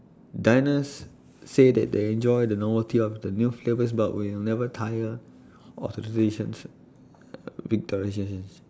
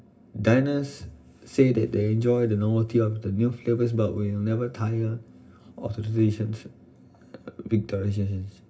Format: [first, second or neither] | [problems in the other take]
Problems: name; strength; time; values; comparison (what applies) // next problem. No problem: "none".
first | room echo; dies away in 0.4 s